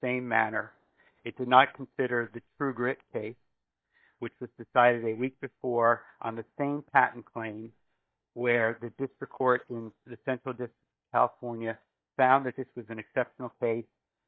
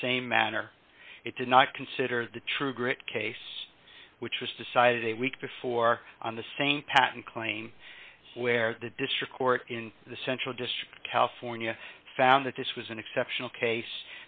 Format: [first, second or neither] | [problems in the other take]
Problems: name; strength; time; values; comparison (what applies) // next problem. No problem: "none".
second | noise reduction (neural mask model DeepFilterNet 3)